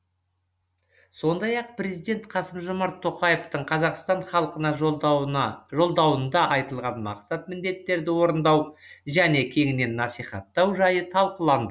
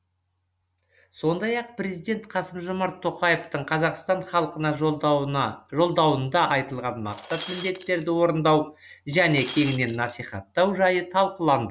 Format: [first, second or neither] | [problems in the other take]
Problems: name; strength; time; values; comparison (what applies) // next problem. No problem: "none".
first | background sound (Shatter); 14 dB below the speech